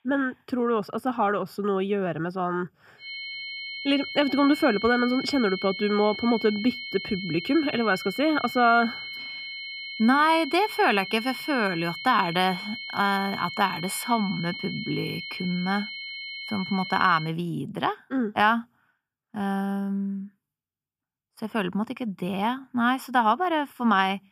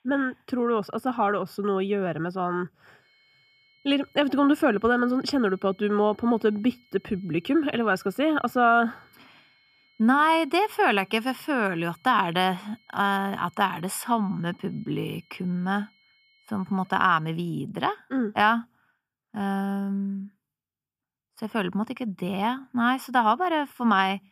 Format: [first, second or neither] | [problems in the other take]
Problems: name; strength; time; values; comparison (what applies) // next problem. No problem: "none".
second | high-pitched whine; loud; from 3 to 17 s; 2 kHz, 9 dB below the speech; faint in the second